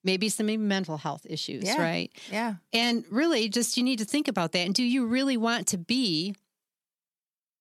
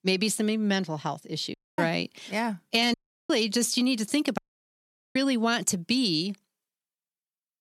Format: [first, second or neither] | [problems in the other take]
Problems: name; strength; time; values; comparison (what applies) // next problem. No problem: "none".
first | audio cutting out; at 1.5 s, at 3 s and at 4.5 s for 1 s